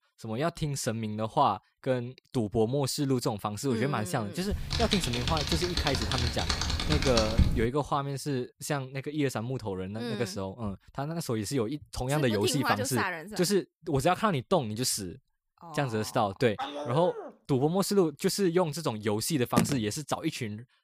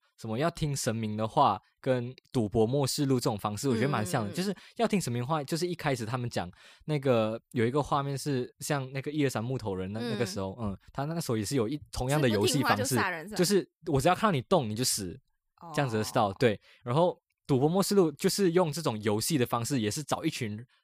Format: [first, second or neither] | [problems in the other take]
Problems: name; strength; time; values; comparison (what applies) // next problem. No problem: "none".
second | keyboard typing; loud; from 4.5 to 7.5 s; peak 3 dB above the speech // dog barking; noticeable; at 17 s; peak 6 dB below the speech // phone ringing; loud; at 20 s; peak level with the speech